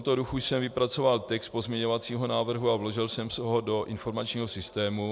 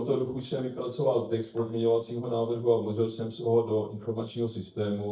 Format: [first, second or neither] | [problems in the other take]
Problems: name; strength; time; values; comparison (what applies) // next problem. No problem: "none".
first | noise reduction (neural mask model DeepFilterNet 3)